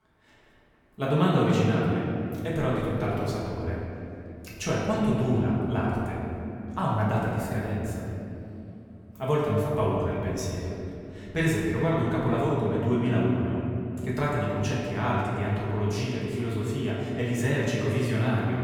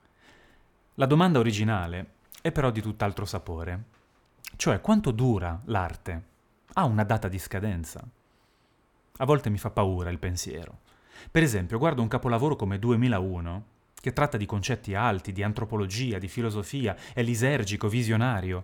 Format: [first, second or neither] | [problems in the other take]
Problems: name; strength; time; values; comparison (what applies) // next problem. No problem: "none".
second | room echo; noticeable; dies away in 3 s // off-mic speech; far